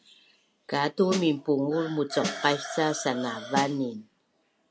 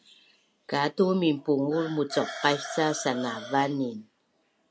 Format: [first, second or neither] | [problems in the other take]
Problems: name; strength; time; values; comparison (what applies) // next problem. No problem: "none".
second | background sound (Snare drum); 9 dB below the speech